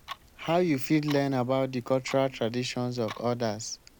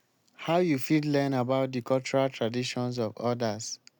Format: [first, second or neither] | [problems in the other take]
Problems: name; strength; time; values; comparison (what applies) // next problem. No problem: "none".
second | background sound (Clock); 19 dB below the speech